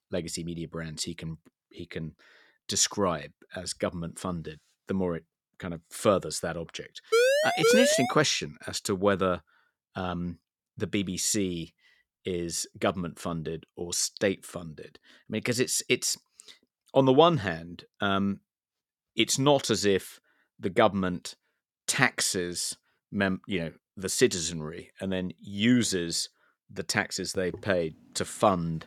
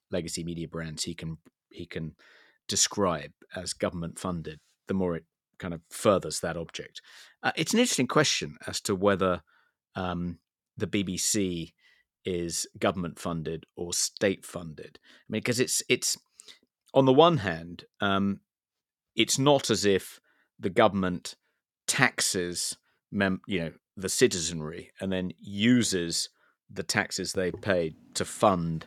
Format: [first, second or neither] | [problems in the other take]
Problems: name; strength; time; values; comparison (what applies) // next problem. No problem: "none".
second | siren; loud; from 7 to 8 s; peak 6 dB above the speech